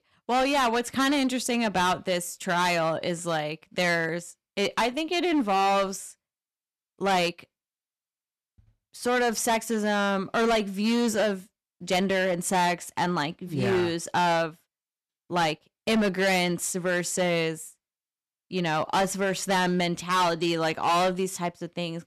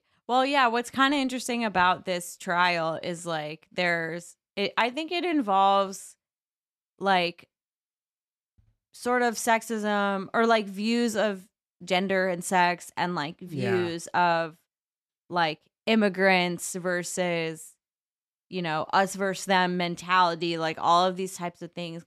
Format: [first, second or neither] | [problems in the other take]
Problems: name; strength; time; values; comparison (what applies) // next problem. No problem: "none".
second | distortion; heavy; 11% of the sound clipped